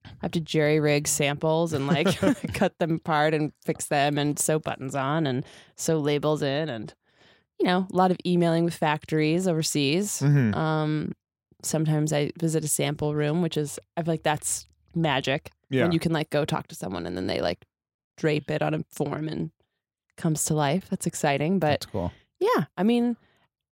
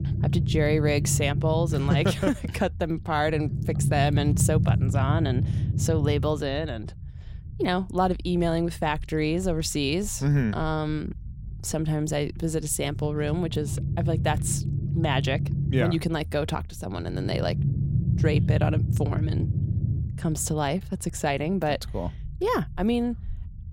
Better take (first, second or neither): first